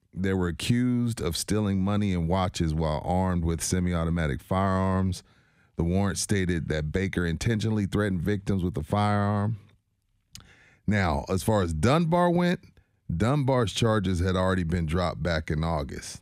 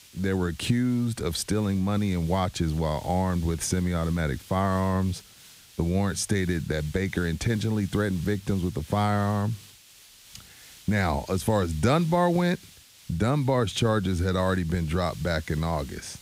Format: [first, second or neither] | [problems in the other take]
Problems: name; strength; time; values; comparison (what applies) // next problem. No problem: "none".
first | hiss; faint; throughout; 20 dB below the speech